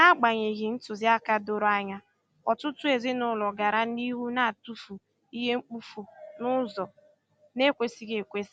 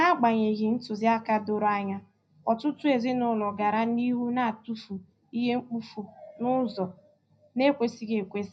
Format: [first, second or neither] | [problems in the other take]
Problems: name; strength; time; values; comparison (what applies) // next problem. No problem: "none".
first | room echo; dies away in 0.3 s